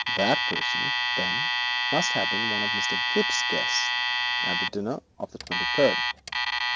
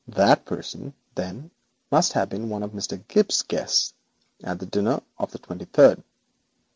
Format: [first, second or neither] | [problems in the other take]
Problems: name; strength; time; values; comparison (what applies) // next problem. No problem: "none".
second | background sound (Alarm); 4 dB above the speech